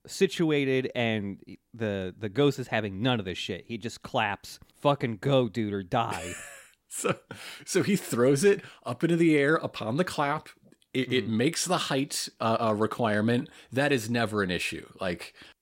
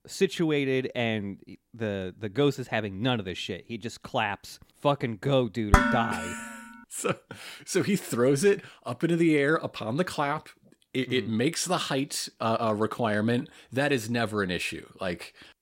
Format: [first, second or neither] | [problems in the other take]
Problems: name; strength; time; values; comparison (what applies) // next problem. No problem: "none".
first | clattering dishes; loud; at 5.5 s; peak 5 dB above the speech